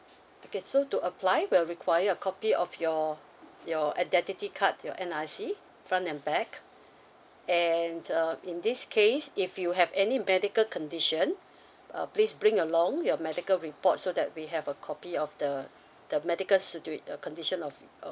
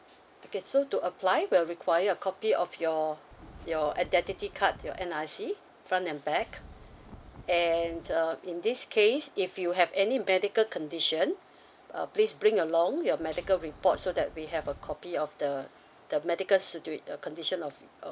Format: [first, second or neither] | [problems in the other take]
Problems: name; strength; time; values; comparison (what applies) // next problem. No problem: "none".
first | background sound (Wind); 19 dB below the speech